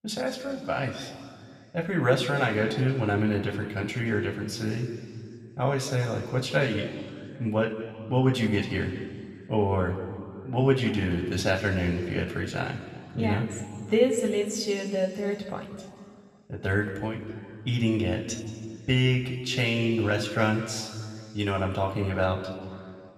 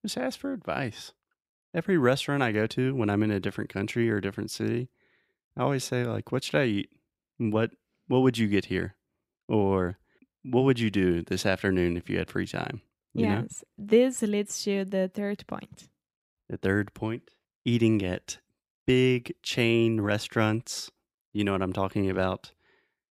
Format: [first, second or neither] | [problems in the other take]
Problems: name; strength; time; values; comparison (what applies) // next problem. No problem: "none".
second | room echo; noticeable; dies away in 2 s // off-mic speech; somewhat distant